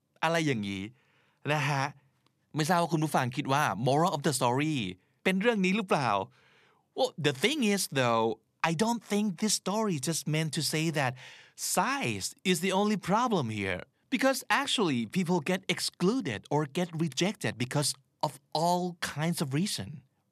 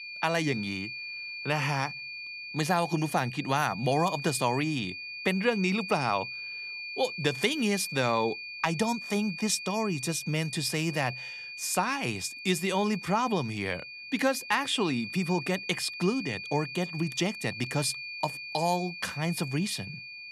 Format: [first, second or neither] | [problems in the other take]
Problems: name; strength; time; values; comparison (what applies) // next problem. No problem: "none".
first | high-pitched whine; loud; throughout; 2.5 kHz, 8 dB below the speech